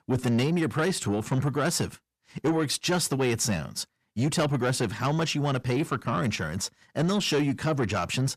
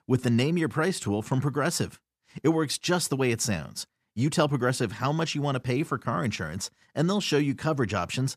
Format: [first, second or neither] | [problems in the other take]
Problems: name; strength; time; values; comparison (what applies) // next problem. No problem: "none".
second | distortion; slight; 10 dB below the speech